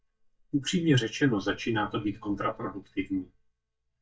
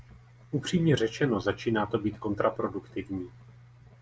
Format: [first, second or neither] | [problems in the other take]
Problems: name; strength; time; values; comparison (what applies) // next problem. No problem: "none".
second | noise reduction (neural mask model DeepFilterNet 3)